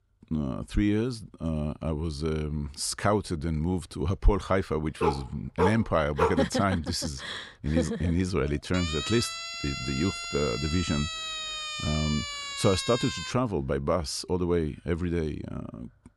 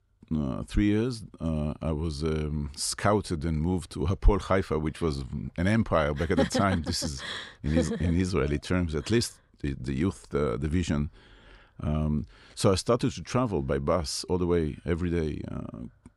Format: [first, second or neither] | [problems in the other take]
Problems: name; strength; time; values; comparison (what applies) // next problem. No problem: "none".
second | dog barking; loud; from 5 to 6.5 s; peak level with the speech // siren; noticeable; from 8.5 to 13 s; peak 3 dB below the speech